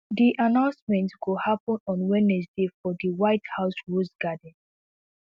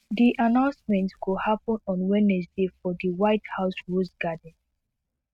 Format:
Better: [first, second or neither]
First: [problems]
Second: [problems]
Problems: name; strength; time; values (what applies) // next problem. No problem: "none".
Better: first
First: none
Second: noise reduction (neural mask model RNNoise)